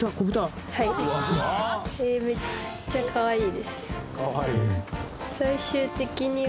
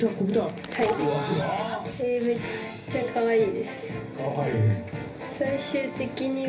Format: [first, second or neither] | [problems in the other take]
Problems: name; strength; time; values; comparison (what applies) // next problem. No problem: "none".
first | background sound (Crack); 19 dB below the speech // room echo; dies away in 0.3 s